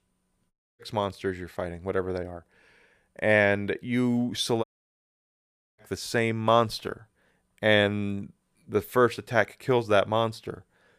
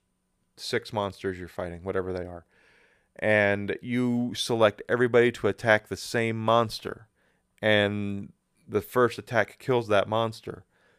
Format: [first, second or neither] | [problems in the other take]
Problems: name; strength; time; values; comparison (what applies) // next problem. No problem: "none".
second | audio cutting out; at 0.5 s and at 4.5 s for 1 s